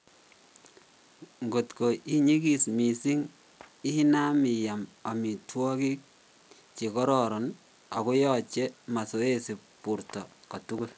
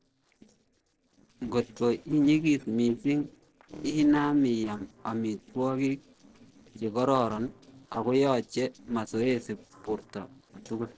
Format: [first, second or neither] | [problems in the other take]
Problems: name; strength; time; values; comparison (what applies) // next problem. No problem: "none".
first | noise reduction (neural separator model SepFormer DNS4)